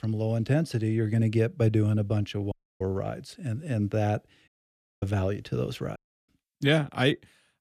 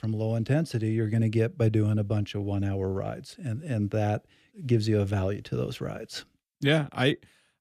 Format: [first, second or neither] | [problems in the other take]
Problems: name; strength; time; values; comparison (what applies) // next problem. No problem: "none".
second | audio cutting out; at 2.5 s, at 4.5 s for 0.5 s and at 6 s